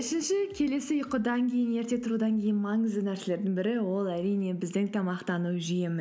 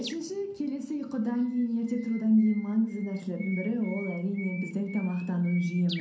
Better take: first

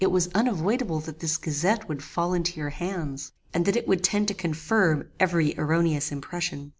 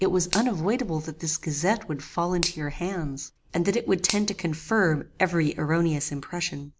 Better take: first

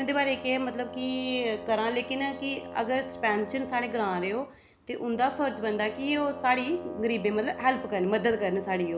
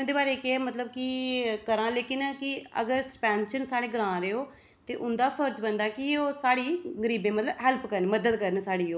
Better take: second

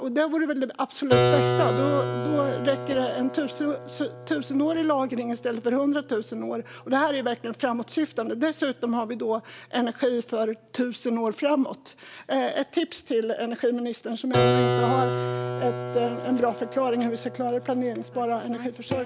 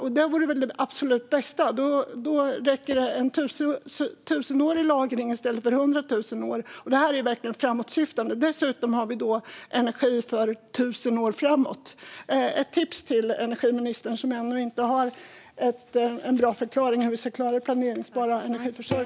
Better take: second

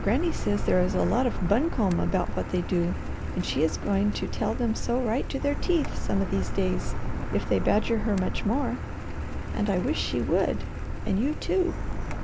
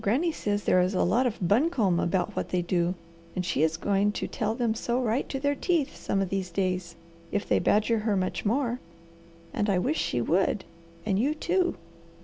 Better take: second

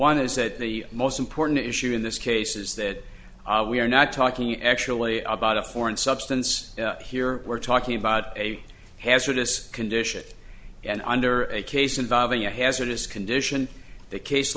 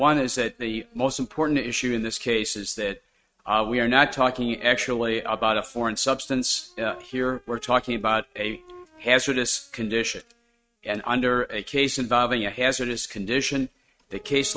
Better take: first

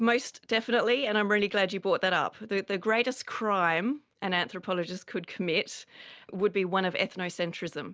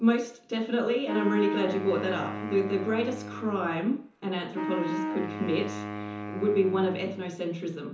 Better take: first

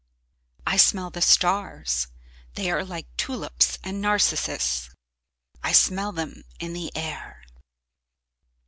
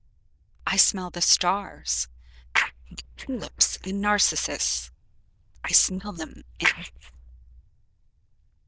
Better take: first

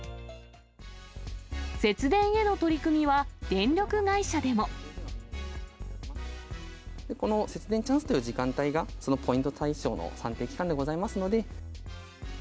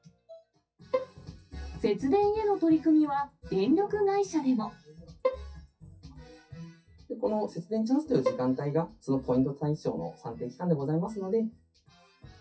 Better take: first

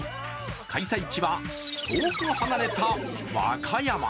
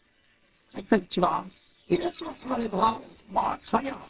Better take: first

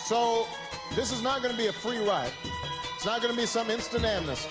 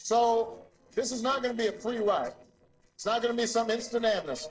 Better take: first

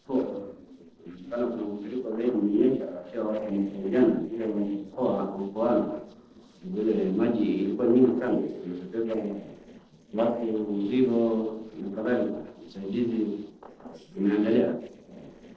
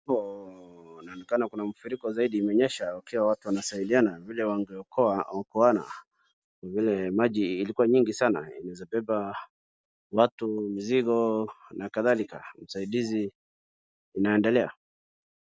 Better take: second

